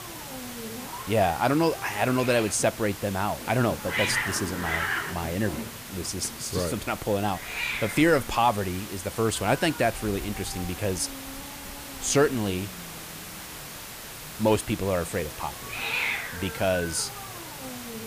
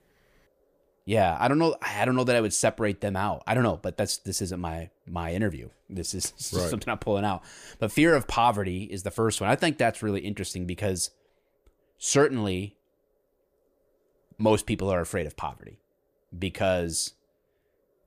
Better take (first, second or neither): second